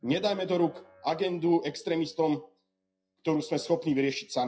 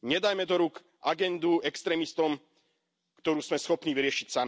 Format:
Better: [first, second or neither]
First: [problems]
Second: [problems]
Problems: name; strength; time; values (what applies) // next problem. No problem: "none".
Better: second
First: noise reduction (classical method WPE with log-MMSE)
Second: none